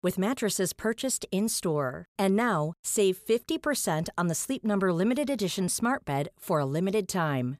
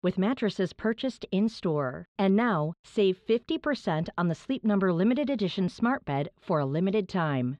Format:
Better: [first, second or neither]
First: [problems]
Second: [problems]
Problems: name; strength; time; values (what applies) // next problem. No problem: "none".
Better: first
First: none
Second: muffled; slightly; fading above 3.5 kHz